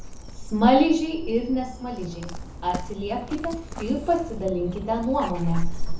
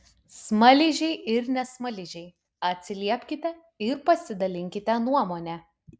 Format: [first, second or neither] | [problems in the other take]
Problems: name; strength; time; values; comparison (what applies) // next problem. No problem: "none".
second | background sound (Dog); 4 dB below the speech // room echo; dies away in 0.6 s